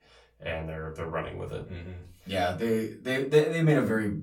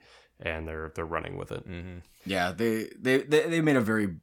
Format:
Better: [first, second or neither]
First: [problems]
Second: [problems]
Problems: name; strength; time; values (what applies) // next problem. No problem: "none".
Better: second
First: off-mic speech; far // room echo; very slight; dies away in 0.3 s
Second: none